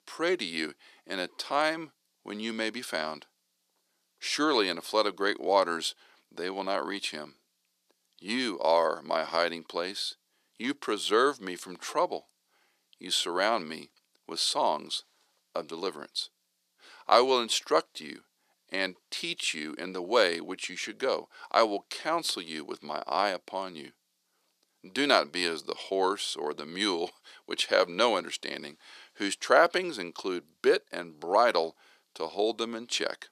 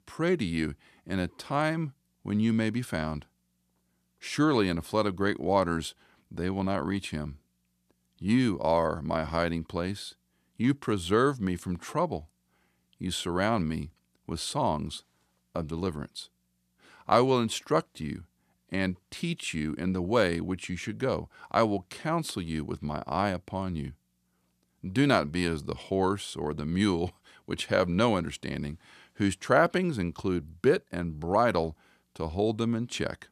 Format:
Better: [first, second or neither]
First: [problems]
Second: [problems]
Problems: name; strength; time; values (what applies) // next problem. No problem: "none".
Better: second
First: thin; somewhat; fading below 350 Hz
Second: none